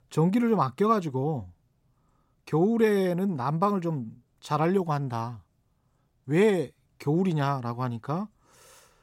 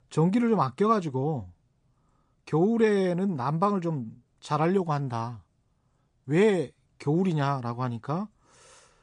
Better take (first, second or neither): first